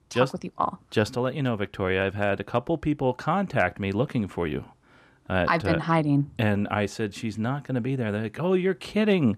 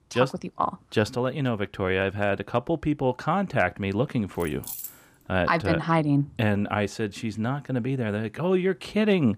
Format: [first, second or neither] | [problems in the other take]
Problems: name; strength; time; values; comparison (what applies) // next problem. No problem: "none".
first | jangling keys; noticeable; at 4.5 s; peak 8 dB below the speech